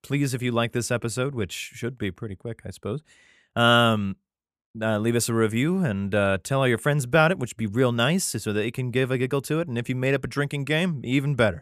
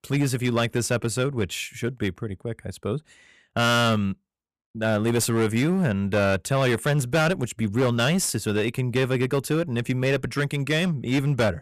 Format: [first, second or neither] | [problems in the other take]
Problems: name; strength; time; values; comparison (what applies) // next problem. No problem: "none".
first | distortion; slight; 12% of the sound clipped